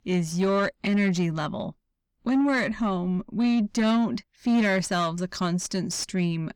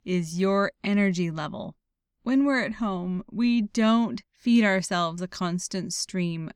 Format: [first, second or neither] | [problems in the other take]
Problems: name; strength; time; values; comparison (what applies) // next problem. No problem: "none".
second | distortion; slight; 10 dB below the speech